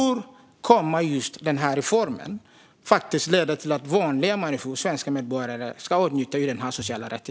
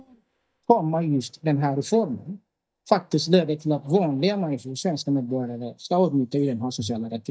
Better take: first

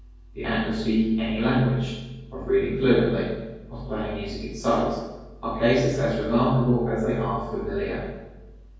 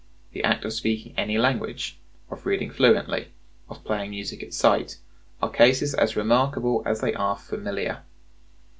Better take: second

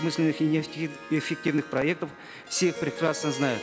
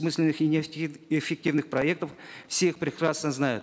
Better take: second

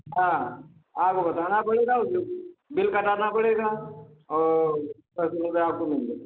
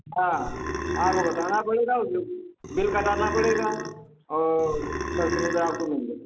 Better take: first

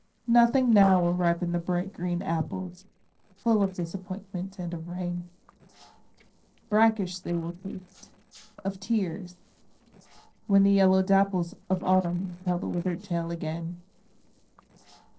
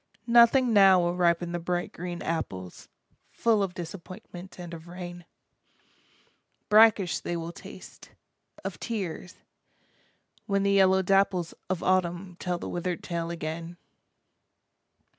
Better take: second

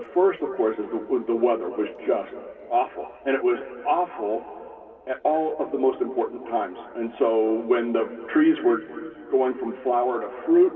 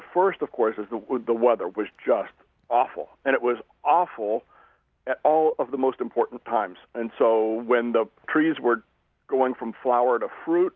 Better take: second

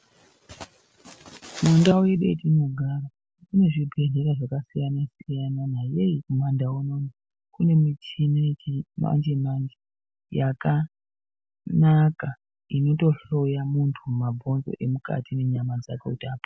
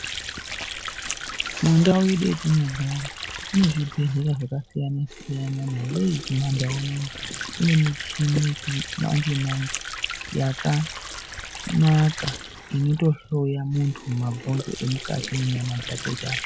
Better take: first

